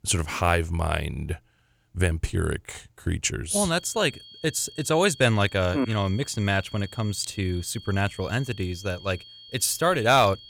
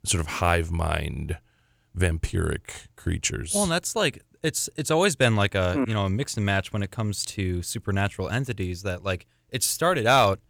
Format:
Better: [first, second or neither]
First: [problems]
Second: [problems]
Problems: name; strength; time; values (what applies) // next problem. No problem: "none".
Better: second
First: high-pitched whine; noticeable; from 3.5 s on; 3.5 kHz, 20 dB below the speech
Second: none